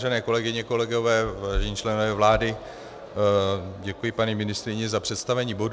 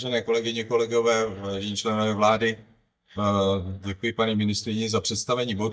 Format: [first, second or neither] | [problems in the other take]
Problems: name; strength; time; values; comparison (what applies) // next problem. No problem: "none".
first | noise reduction (neural mask model DeepFilterNet 3)